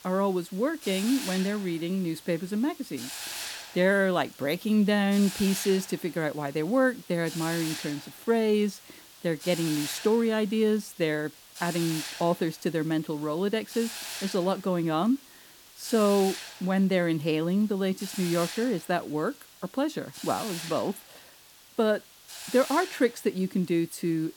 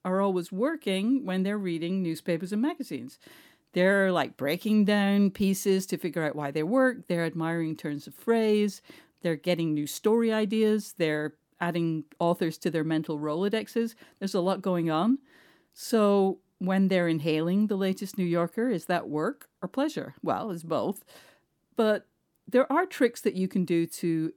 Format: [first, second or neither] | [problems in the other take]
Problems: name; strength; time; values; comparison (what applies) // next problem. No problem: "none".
second | hiss; noticeable; throughout; 10 dB below the speech